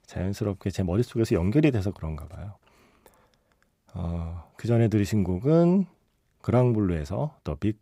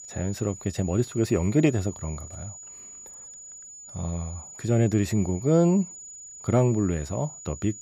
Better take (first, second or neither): first